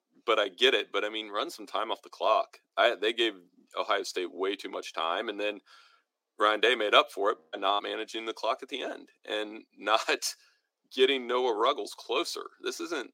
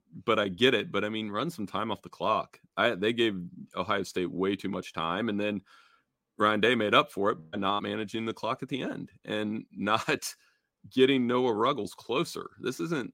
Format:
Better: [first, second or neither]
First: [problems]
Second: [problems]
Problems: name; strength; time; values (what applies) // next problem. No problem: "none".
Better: second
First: thin; somewhat; fading below 350 Hz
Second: none